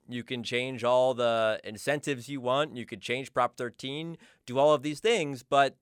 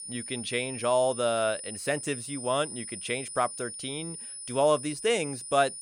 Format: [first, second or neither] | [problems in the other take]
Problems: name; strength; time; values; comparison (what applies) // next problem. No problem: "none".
first | high-pitched whine; loud; throughout; 9.5 kHz, 8 dB below the speech